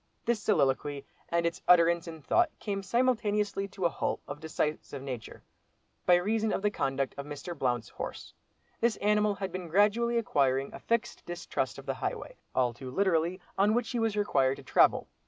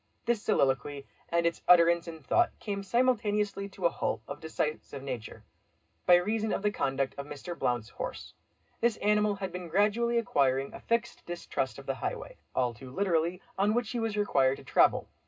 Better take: first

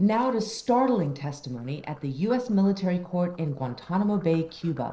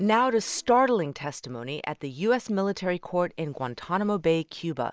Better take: second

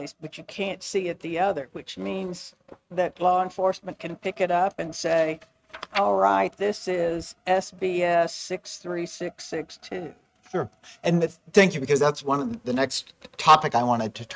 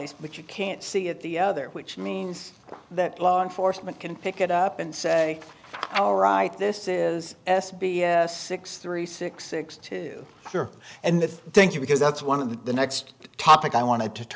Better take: second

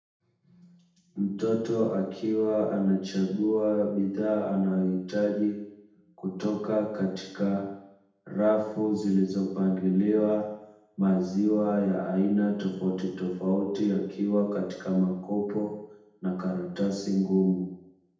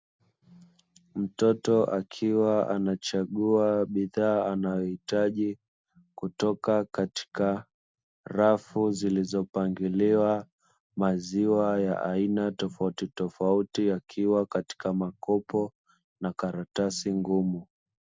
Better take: second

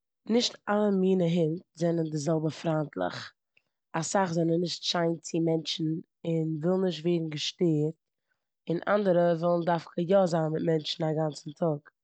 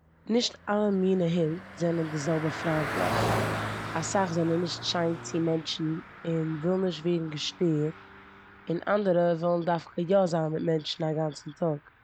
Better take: first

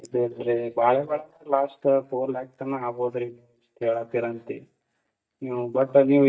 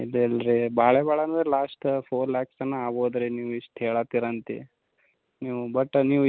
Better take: second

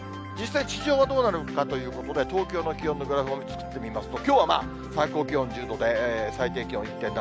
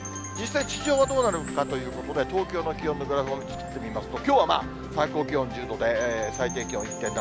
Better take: first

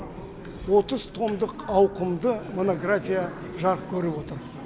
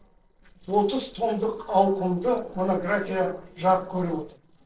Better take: first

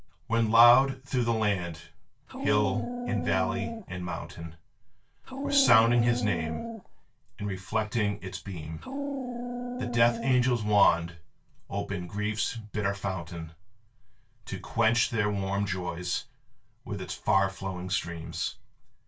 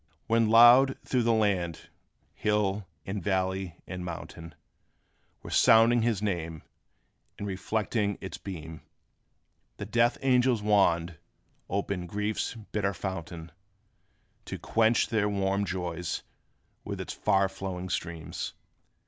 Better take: second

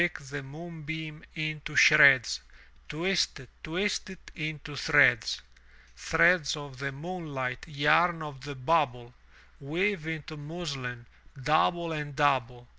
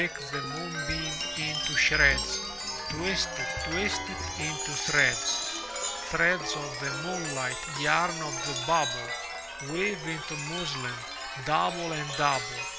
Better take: first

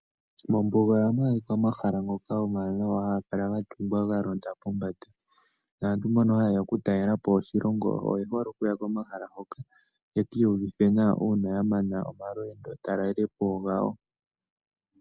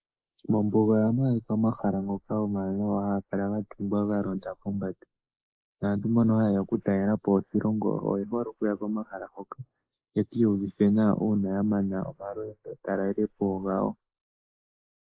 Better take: first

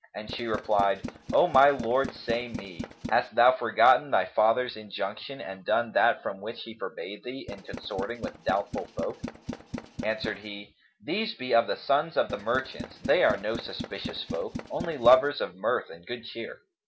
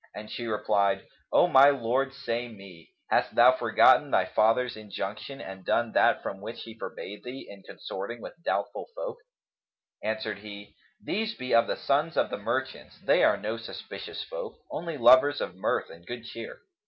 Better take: second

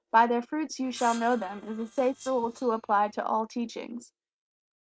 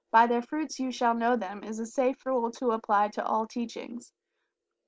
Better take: second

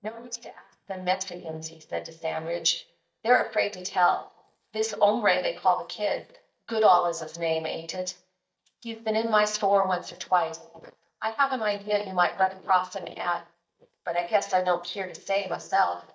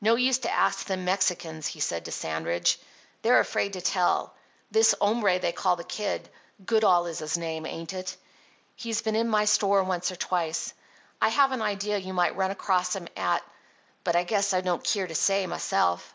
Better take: second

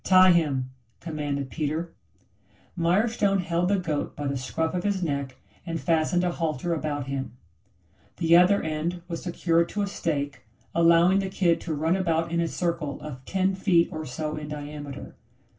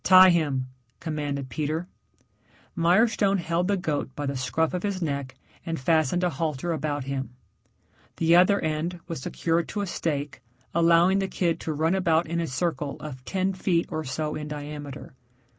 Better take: second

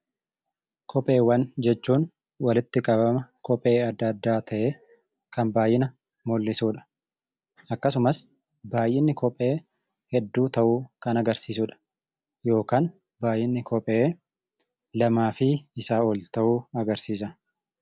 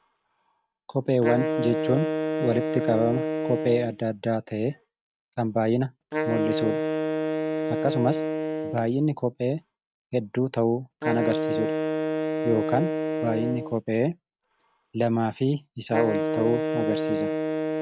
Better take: first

